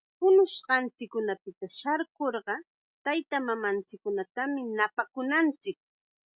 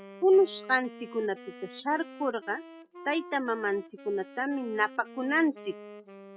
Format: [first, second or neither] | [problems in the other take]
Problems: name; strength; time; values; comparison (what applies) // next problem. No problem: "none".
first | background sound (Wind instrument, woodwind instrument); 17 dB below the speech